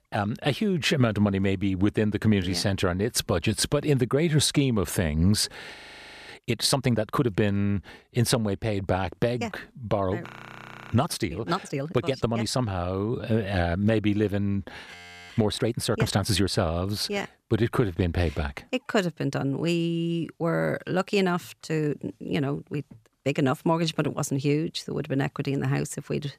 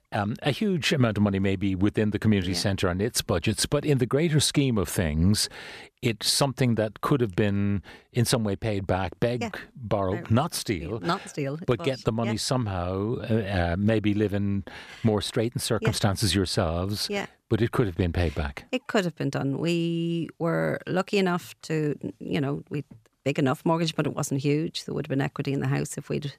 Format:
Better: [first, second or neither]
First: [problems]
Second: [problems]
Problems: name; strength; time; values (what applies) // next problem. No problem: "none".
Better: second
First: audio freezing; at 5.5 s for 0.5 s, at 10 s for 0.5 s and at 15 s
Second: none